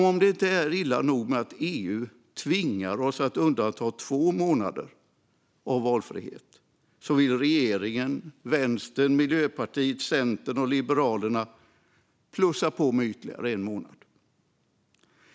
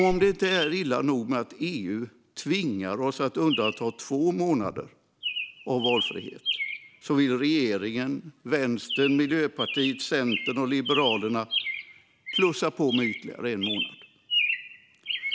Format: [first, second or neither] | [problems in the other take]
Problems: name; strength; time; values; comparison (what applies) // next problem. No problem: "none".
first | background sound (Chirp, tweet); 7 dB below the speech